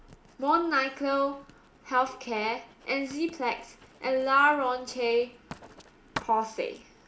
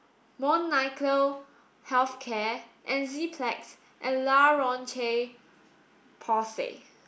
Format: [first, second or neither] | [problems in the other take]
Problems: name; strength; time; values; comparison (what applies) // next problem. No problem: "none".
second | background sound (Writing); 19 dB below the speech // room echo; dies away in 0.3 s